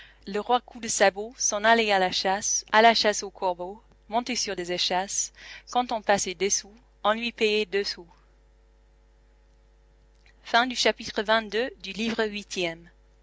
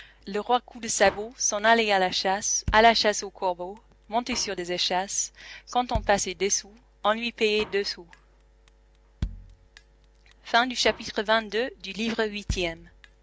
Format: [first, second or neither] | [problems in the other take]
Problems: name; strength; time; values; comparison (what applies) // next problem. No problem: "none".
first | background sound (Drum kit); 15 dB below the speech